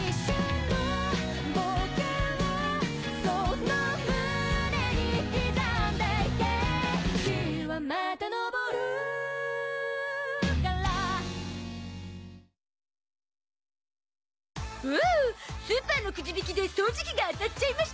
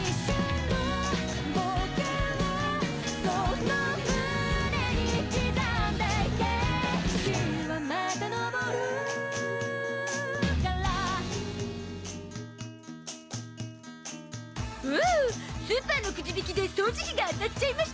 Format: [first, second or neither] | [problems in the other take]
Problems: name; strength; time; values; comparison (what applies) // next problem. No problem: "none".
first | background sound (Guitar); 9 dB below the speech